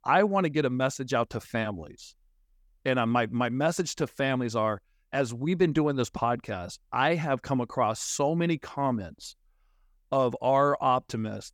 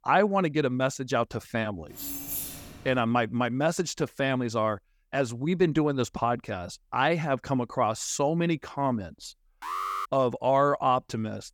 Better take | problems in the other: first | jangling keys; noticeable; from 2 to 3 s; peak 4 dB below the speech // alarm; noticeable; at 9.5 s; peak 4 dB below the speech

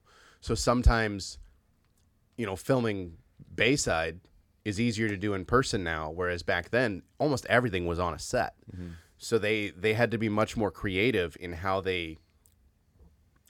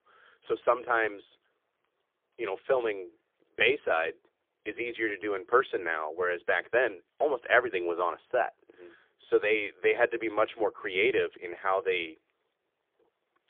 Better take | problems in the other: first | phone-call audio; poor line; nothing above 3.5 kHz

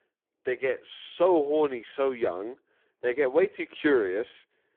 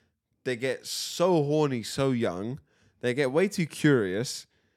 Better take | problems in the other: second | phone-call audio; poor line

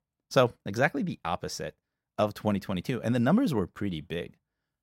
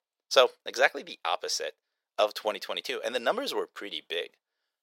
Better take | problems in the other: first | thin; very; fading below 450 Hz

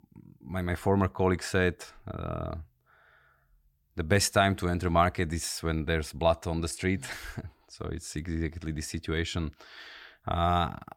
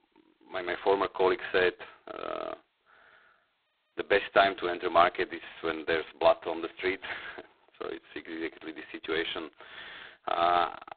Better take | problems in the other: first | phone-call audio; poor line; nothing above 4 kHz

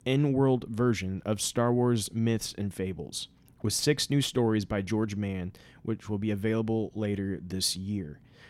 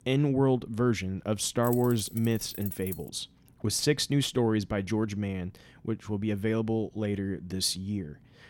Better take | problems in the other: first | jangling keys; noticeable; from 1.5 to 3 s; peak 9 dB below the speech

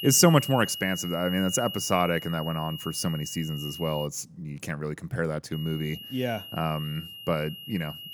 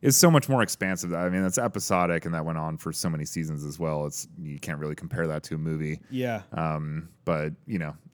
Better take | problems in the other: second | high-pitched whine; loud; until 4 s and from 5.5 s on; 3 kHz, 10 dB below the speech

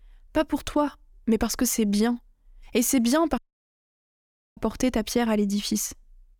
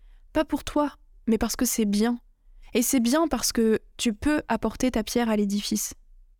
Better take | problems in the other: second | audio cutting out; at 3.5 s for 1 s

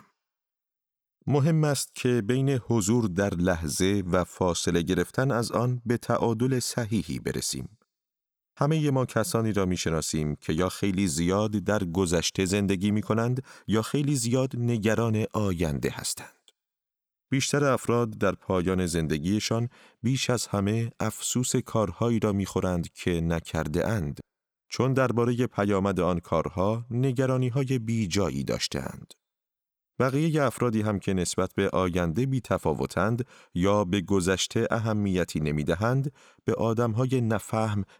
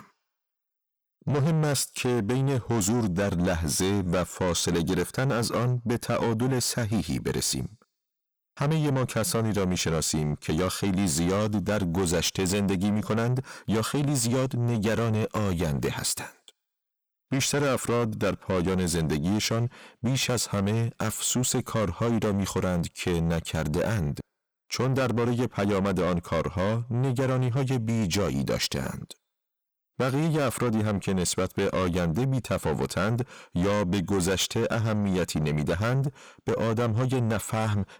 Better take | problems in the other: first | distortion; heavy; 8 dB below the speech

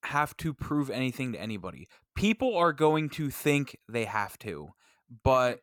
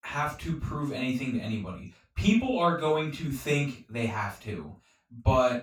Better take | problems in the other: first | room echo; noticeable; dies away in 0.2 s // off-mic speech; far

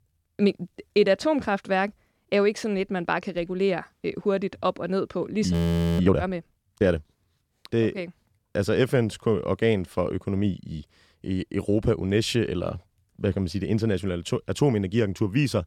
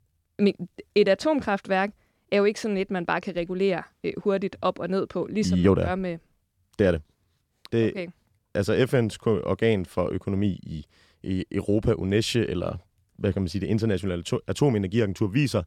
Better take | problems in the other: second | audio freezing; at 5.5 s

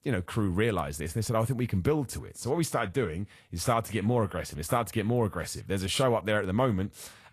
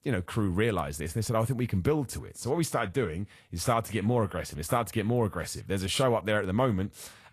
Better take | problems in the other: neither | garbled, watery; slightly; nothing above 13 kHz; the same in both

